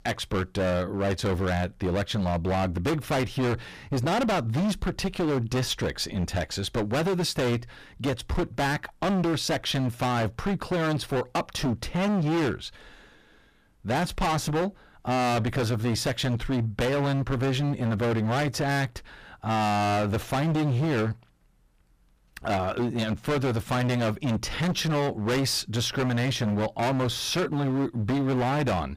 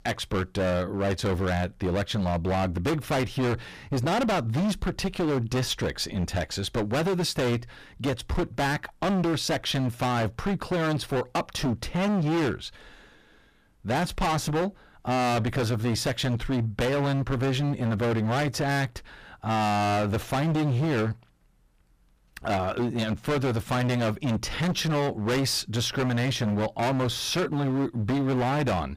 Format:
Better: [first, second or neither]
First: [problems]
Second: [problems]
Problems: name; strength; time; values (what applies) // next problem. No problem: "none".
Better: neither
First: distortion; heavy; 27% of the sound clipped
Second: distortion; heavy; 27% of the sound clipped